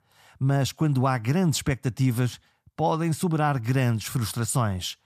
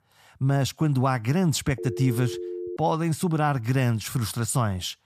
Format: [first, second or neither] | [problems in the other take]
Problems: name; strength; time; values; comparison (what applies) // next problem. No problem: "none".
first | phone ringing; noticeable; at 2 s; peak 8 dB below the speech